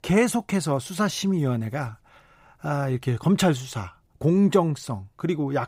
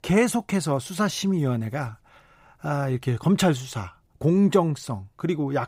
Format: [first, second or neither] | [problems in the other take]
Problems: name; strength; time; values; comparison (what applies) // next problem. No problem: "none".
neither | none